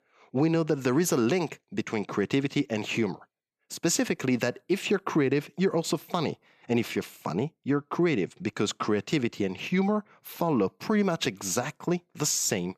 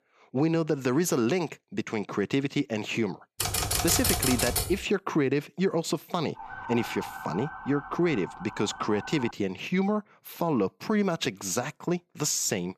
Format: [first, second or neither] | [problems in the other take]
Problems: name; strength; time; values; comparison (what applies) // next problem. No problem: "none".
first | keyboard typing; loud; from 3.5 to 5 s; peak 4 dB above the speech // siren; noticeable; from 6.5 to 9.5 s; peak 9 dB below the speech